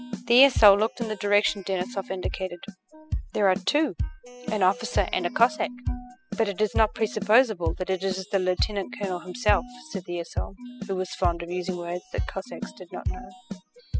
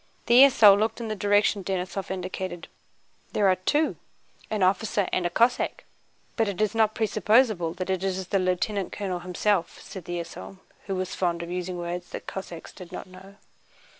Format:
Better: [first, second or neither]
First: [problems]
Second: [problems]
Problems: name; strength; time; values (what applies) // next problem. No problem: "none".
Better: second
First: noise reduction (classical method spectral subtraction)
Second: none